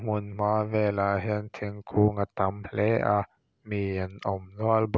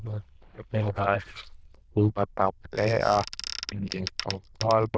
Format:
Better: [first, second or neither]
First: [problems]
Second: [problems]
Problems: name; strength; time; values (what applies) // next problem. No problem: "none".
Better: first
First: none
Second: noise reduction (neural diffusion model UNIVERSE++)